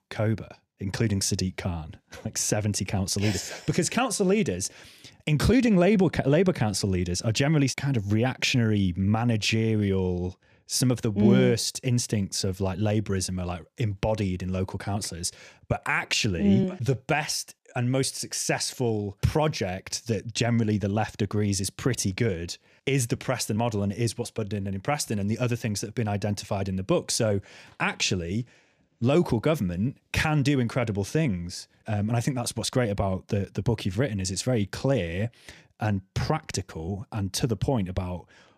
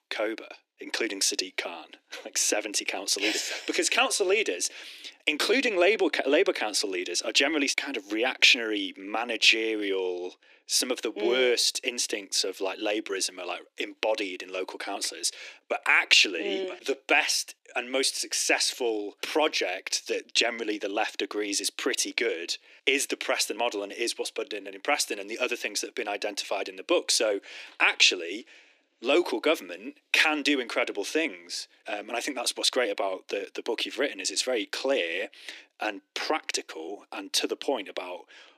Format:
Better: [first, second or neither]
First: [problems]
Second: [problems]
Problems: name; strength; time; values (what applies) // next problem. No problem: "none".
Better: first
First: none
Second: thin; very; fading below 300 Hz